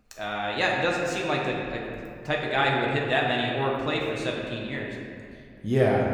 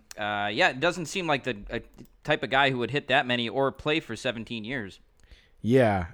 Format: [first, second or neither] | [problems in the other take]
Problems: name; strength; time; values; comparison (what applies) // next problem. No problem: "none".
second | room echo; noticeable; dies away in 2 s // off-mic speech; somewhat distant